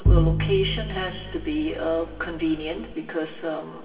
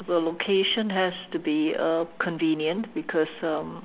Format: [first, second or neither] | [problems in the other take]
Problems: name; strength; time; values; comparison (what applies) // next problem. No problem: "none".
second | background sound (Bowed string instrument); 3 dB above the speech // room echo; dies away in 2.8 s